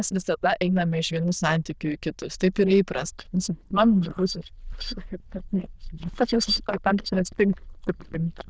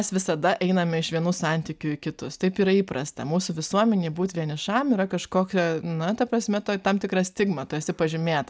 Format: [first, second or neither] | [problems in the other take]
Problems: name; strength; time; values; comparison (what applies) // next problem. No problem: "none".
second | noise reduction (neural diffusion model UNIVERSE++)